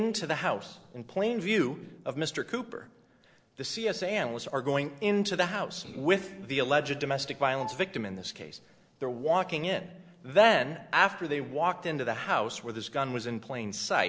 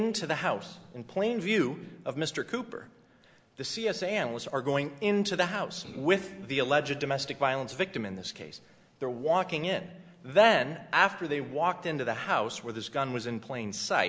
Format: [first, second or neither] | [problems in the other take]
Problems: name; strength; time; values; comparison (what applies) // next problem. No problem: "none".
second | noise reduction (neural separator model SepFormer DNS4)